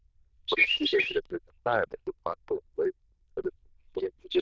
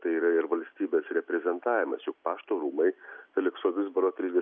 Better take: second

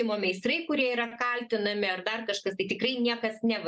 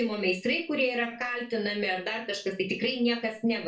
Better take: first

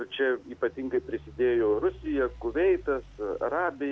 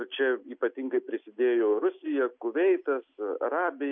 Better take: second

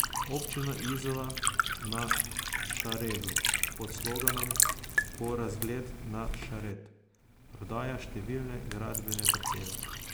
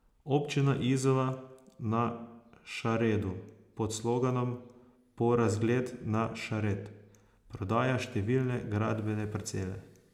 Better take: second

